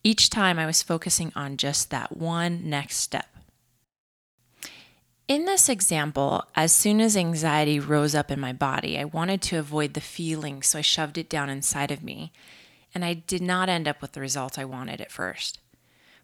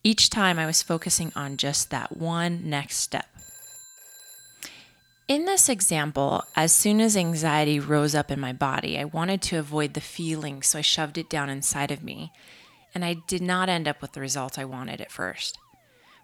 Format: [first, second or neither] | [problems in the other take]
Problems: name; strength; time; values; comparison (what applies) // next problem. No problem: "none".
first | alarms or sirens; faint; throughout; 25 dB below the speech